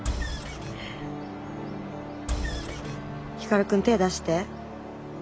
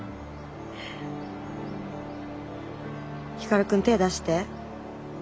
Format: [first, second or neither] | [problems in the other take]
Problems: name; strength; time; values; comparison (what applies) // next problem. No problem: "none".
second | background sound (Engine); 4 dB below the speech